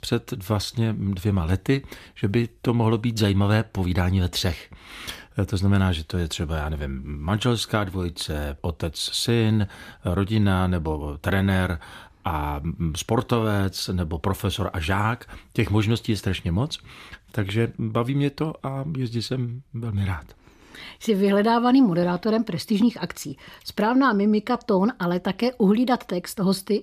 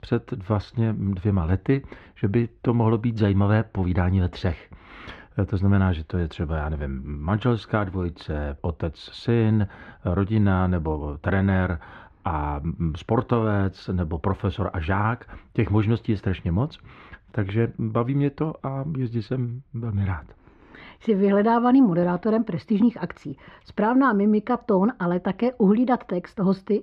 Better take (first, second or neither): first